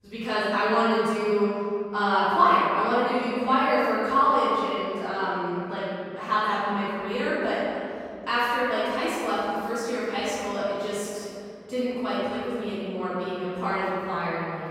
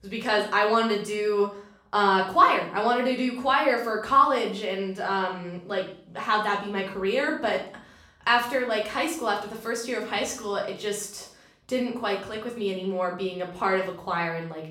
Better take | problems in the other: second | room echo; strong; dies away in 2.7 s; slight in the second // off-mic speech; far; far in the second

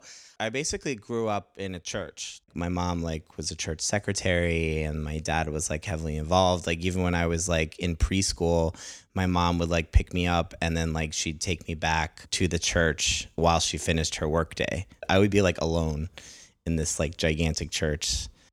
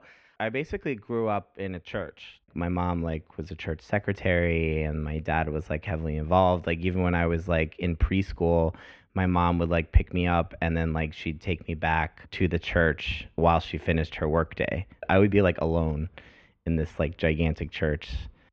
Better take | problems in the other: first | muffled; very; fading above 2.5 kHz

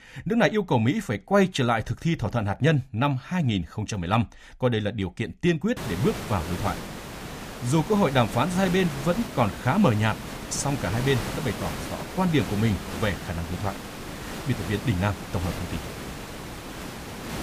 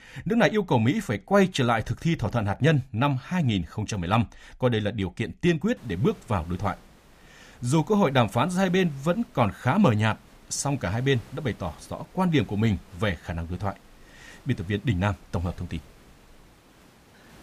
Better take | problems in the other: second | hiss; loud; from 6 s on; 9 dB below the speech; faint in the second

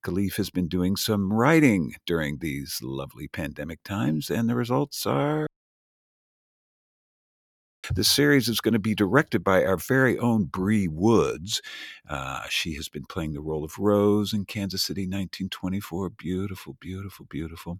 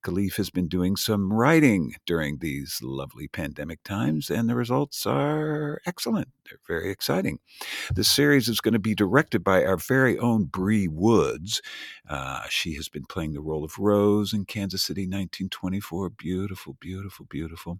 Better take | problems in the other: second | audio cutting out; at 5.5 s for 2.5 s

